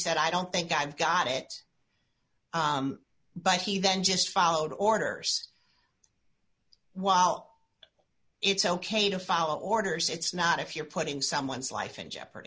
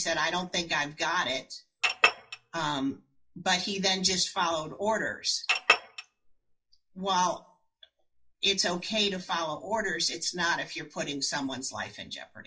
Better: first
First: none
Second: noise reduction (classical method WPE with log-MMSE)

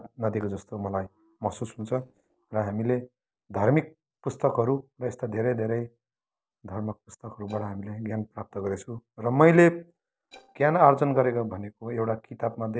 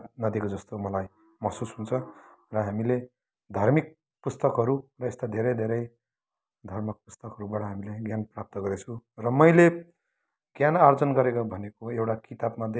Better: second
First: noise reduction (neural separator model SepFormer DNS4)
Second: none

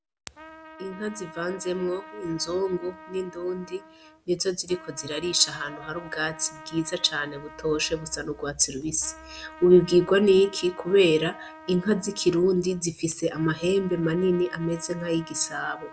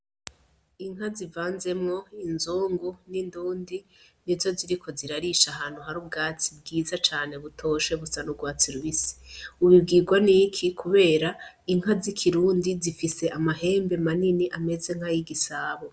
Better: second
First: background sound (Trumpet); 19 dB below the speech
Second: none

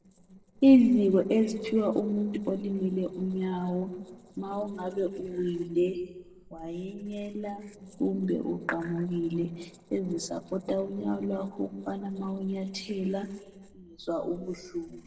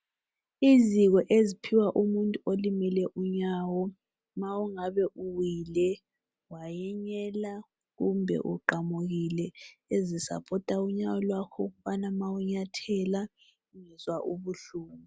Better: second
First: noise reduction (neural separator model SepFormer DNS4)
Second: none

